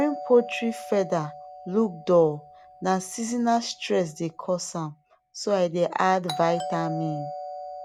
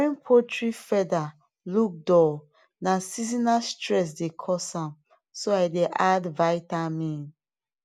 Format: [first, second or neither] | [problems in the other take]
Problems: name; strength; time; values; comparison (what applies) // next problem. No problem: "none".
second | background sound (Doorbell); 13 dB below the speech